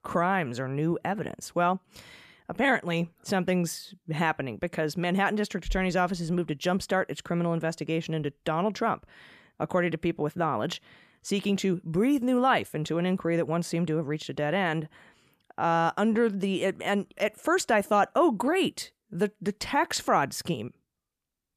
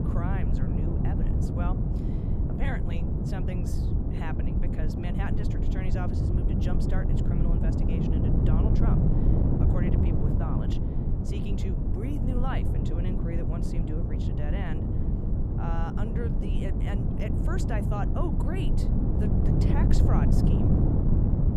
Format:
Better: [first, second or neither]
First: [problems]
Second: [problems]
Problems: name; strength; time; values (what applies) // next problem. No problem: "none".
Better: first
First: none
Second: wind noise on the microphone; heavy; 3 dB above the speech